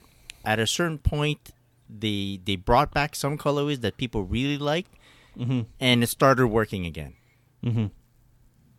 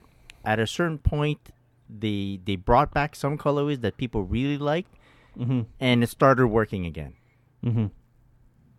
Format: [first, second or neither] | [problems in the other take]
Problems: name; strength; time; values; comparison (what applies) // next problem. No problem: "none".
first | muffled; slightly; fading above 2.5 kHz